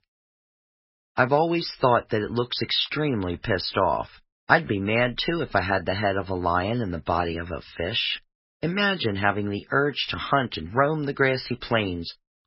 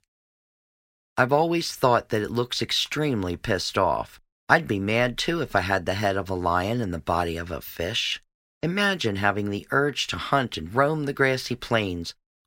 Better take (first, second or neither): second